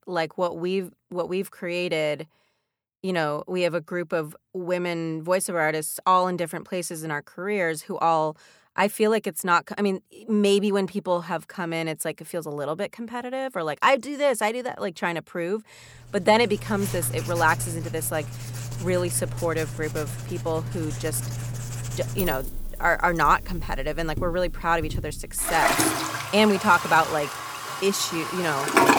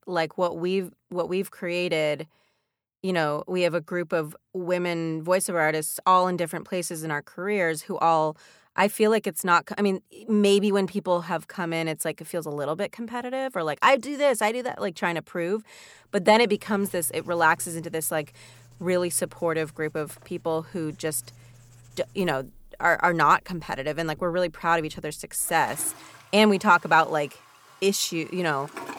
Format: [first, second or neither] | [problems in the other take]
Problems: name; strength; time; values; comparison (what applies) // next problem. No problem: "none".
second | household noises; loud; from 16 s on; 5 dB below the speech; faint in the second